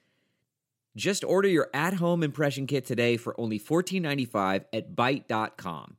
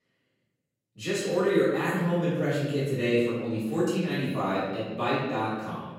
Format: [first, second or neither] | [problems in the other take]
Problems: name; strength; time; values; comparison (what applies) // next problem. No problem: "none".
first | off-mic speech; far // room echo; strong; dies away in 1.2 s